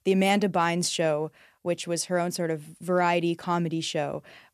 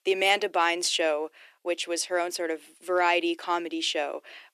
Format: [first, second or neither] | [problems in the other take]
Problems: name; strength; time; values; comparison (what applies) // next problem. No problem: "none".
first | thin; very; fading below 300 Hz